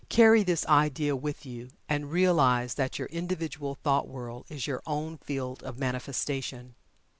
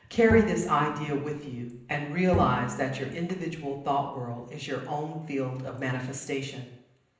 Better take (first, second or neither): first